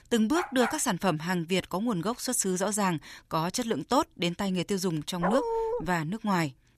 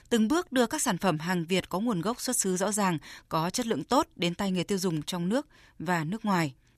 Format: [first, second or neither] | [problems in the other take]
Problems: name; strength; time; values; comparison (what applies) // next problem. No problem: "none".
second | dog barking; noticeable; at 0.5 s and at 5 s; peak level with the speech